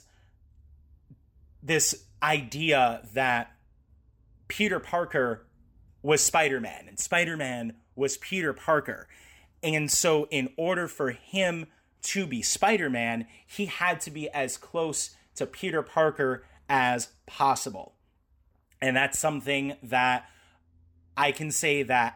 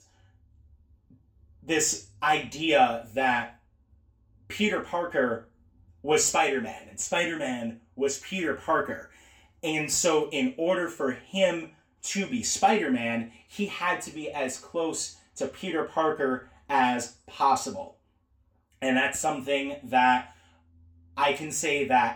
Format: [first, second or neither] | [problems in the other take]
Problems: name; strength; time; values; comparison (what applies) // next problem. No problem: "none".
first | room echo; very slight; dies away in 0.3 s // off-mic speech; far